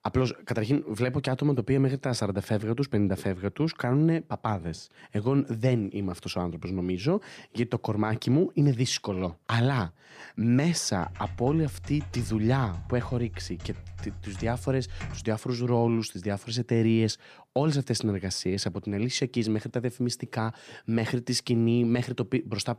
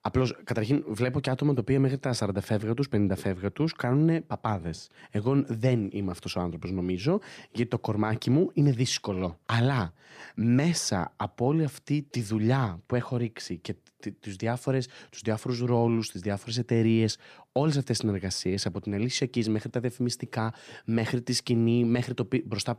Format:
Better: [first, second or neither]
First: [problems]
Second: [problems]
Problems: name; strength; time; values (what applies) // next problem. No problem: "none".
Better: second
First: keyboard typing; faint; from 11 to 15 s; peak 10 dB below the speech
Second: none